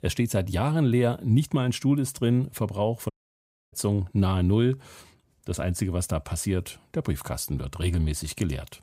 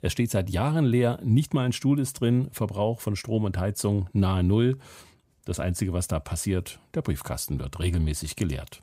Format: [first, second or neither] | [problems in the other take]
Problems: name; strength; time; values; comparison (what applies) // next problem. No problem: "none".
second | audio cutting out; at 3 s for 0.5 s